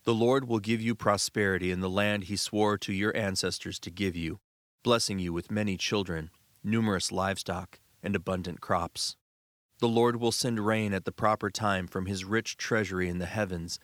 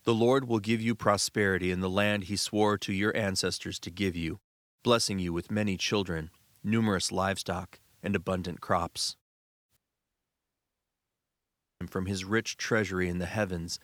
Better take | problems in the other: first | audio cutting out; at 10 s for 2 s

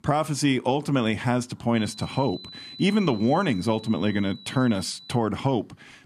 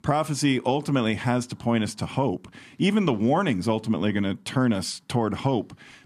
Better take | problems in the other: second | high-pitched whine; noticeable; from 2 to 5 s; 4 kHz, 20 dB below the speech

